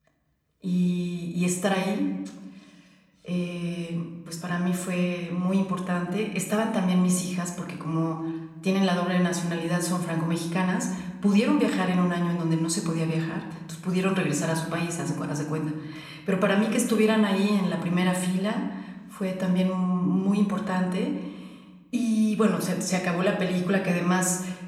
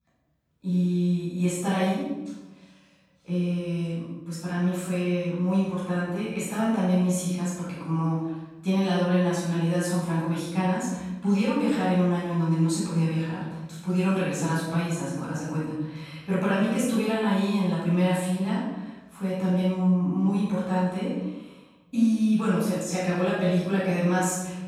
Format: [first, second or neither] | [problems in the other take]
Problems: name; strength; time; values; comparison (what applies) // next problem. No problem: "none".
first | room echo; strong; dies away in 1.1 s; slight in the first // off-mic speech; far; somewhat distant in the first